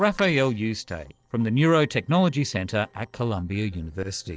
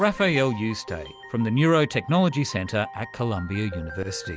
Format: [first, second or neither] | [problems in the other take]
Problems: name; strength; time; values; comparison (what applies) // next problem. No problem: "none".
second | noise reduction (neural separator model SepFormer DNS4)